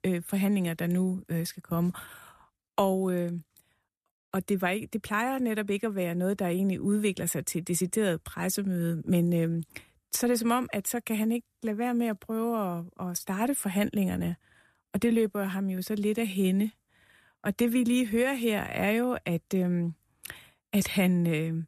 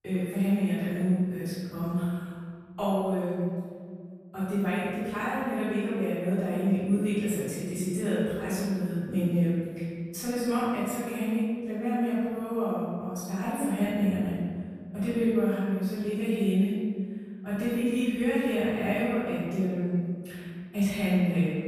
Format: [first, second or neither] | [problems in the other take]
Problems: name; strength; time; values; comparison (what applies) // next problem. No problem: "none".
first | off-mic speech; far // room echo; strong; dies away in 1.8 s